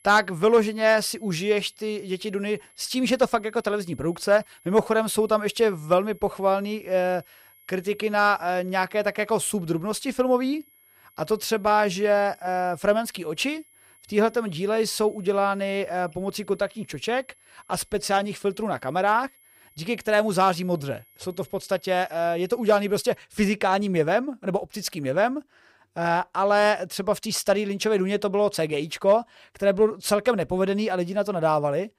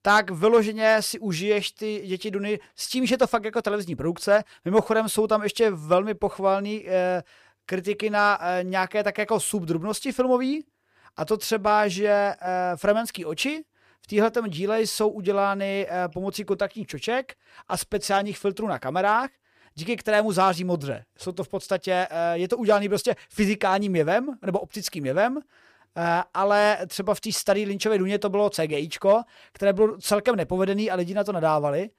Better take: second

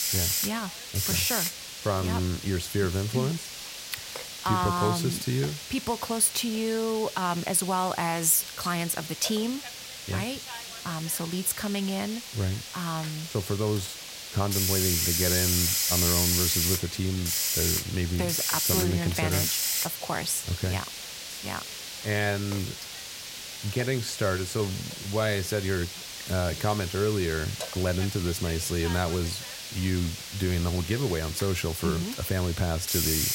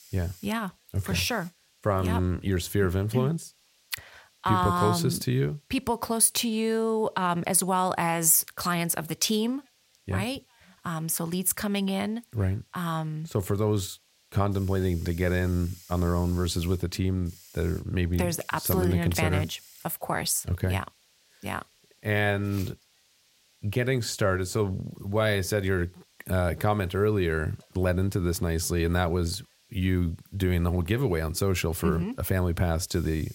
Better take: second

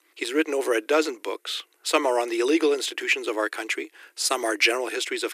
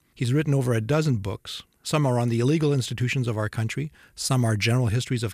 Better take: second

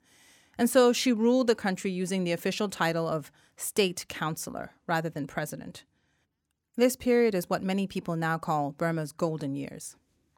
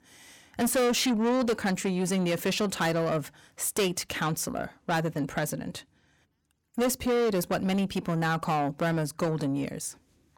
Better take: first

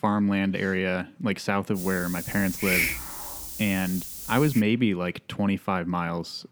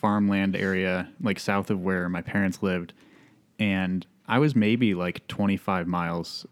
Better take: second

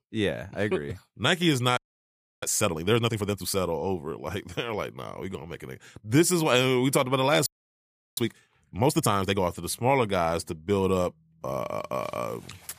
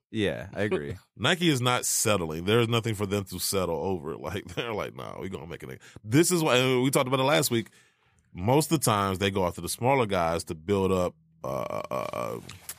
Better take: second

